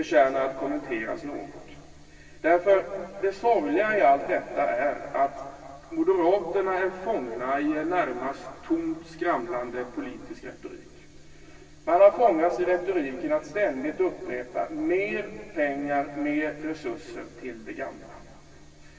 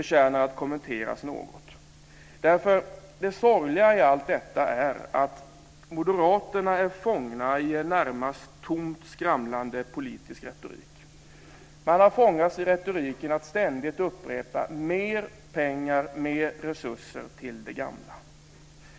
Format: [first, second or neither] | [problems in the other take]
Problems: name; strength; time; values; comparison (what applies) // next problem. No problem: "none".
second | room echo; dies away in 2.4 s